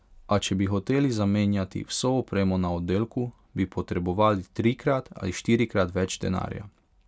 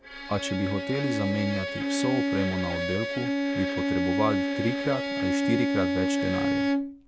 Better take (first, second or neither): first